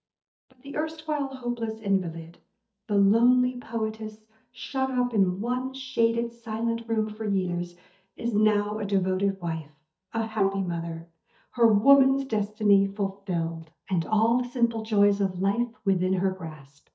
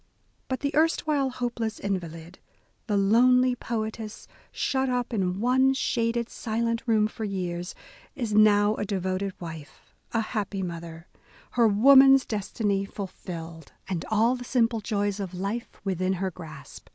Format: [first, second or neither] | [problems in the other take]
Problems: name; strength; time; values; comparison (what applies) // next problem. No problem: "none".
second | noise reduction (neural mask model DeepFilterNet 3)